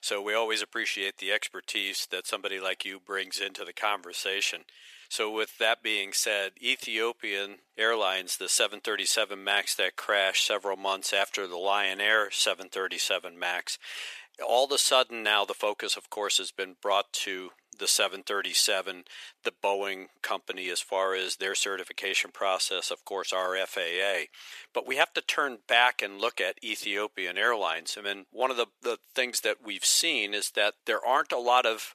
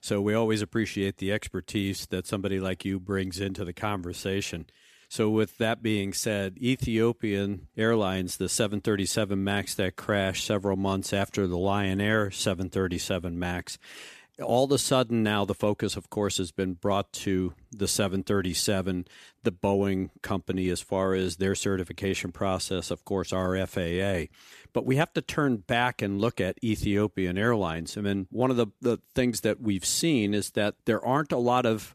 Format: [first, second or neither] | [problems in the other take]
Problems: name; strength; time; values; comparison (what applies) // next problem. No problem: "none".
second | thin; very; fading below 550 Hz